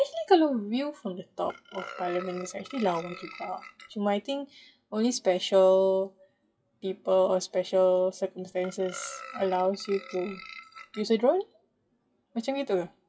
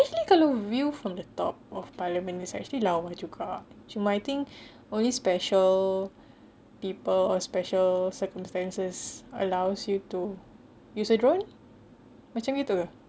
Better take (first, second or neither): second